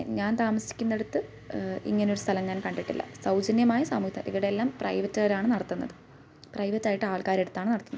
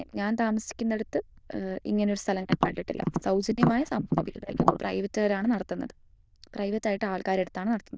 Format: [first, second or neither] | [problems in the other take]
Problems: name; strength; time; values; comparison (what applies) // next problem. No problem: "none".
first | noise reduction (neural diffusion model UNIVERSE++)